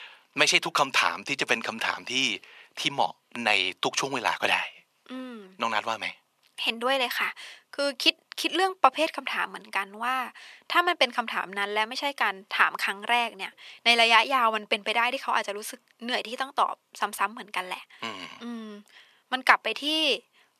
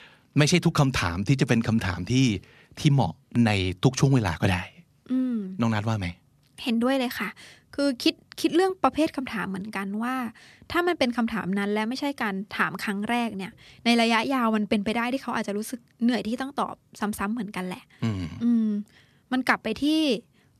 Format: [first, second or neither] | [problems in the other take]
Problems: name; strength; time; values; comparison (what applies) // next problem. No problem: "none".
second | thin; very; fading below 650 Hz